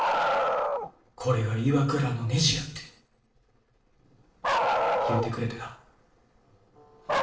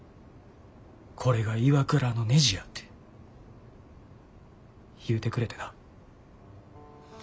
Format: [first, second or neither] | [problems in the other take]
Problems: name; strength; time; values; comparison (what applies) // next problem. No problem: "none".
second | noise reduction (neural separator model SepFormer DNS4)